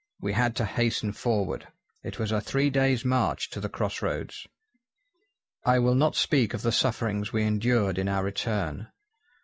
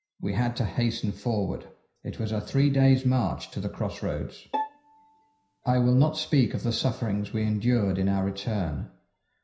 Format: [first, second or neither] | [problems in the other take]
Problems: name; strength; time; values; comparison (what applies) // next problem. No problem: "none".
first | background sound (Bowed string instrument); 10 dB below the speech // room echo; dies away in 0.5 s